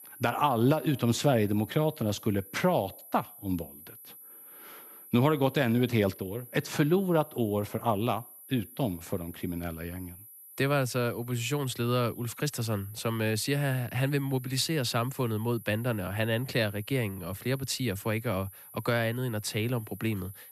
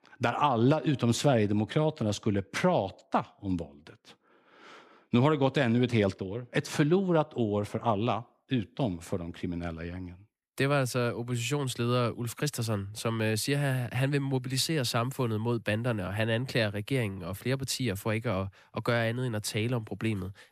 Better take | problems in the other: second | high-pitched whine; noticeable; throughout; 12 kHz, 15 dB below the speech

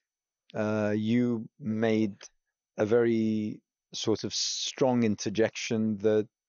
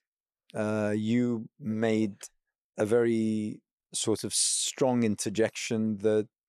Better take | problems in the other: second | garbled, watery; slightly; nothing above 6.5 kHz

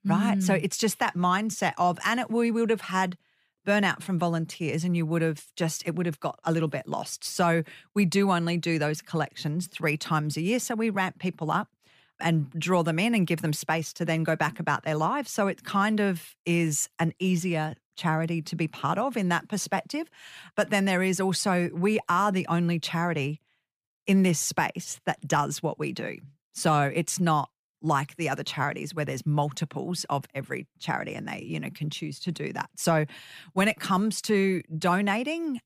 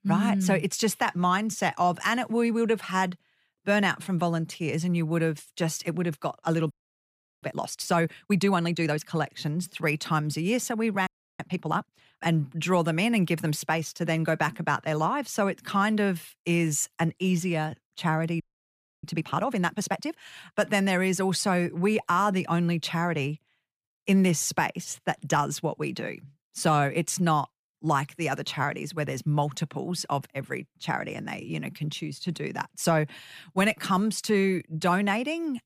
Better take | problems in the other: first | audio freezing; at 6.5 s for 0.5 s, at 11 s and at 18 s for 0.5 s

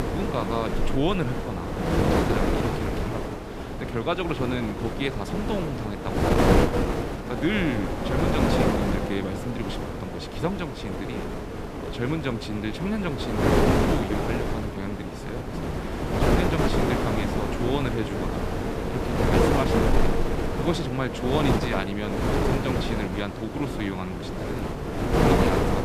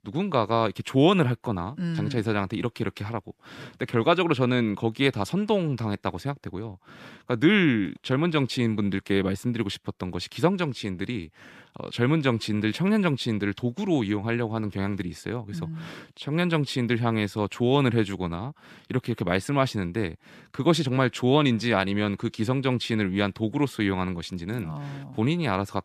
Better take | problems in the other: second | wind noise on the microphone; heavy; 4 dB above the speech

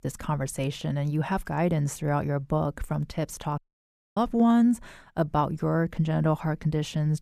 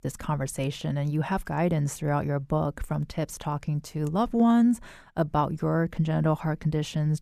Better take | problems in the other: second | audio cutting out; at 3.5 s for 0.5 s

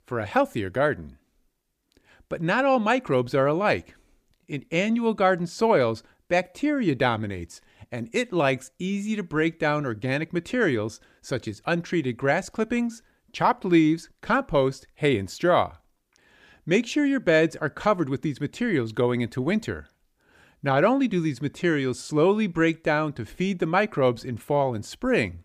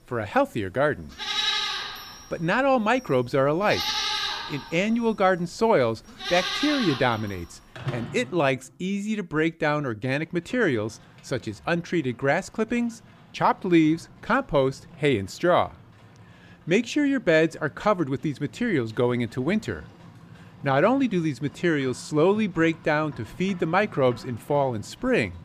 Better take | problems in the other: first | animal sounds; loud; throughout; 5 dB below the speech

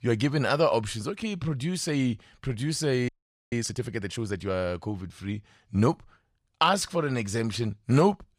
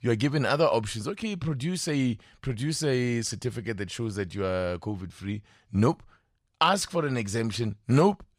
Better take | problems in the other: second | audio freezing; at 3 s

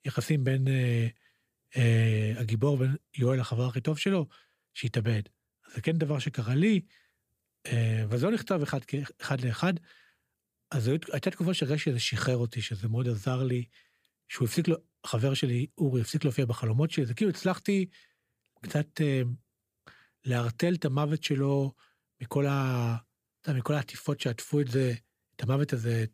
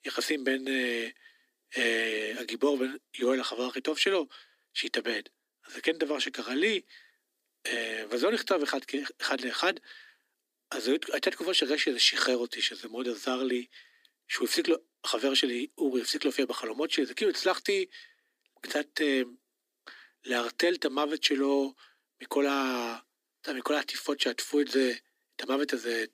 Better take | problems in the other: first | thin; somewhat; fading below 250 Hz

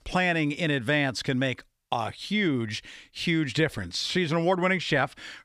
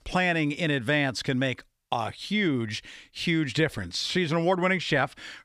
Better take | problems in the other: neither | none

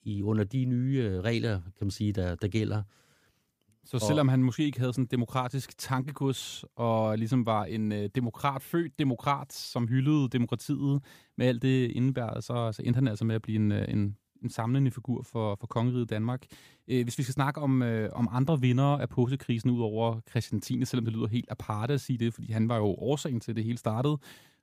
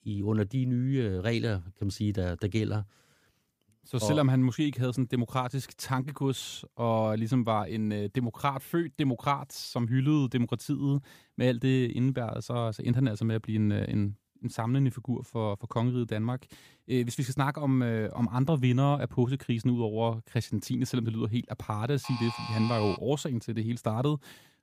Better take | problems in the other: first | alarm; noticeable; at 22 s; peak 7 dB below the speech

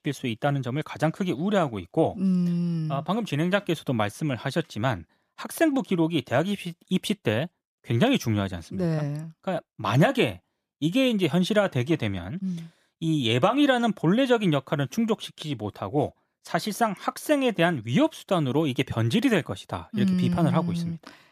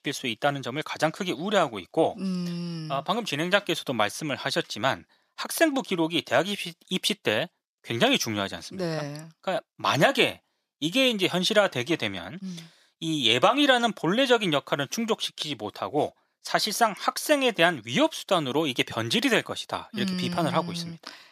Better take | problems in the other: first | thin; very slightly; fading below 600 Hz

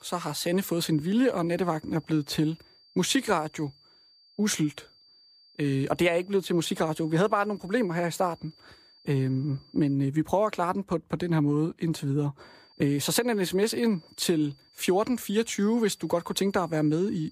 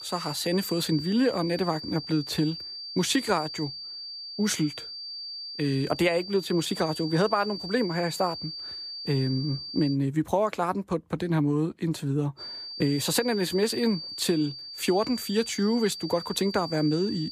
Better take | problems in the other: first | high-pitched whine; loud; until 10 s and from 12 s on; 4.5 kHz, 9 dB below the speech; faint in the first

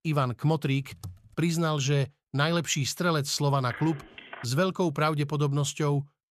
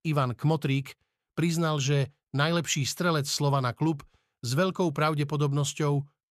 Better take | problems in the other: second | keyboard typing; faint; at 1 s; peak 15 dB below the speech // phone ringing; faint; at 3.5 s; peak 15 dB below the speech

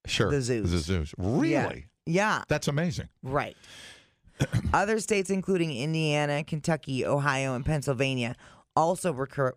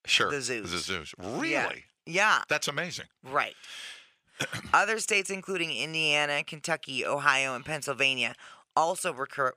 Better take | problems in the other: first | thin; somewhat; fading below 1 kHz

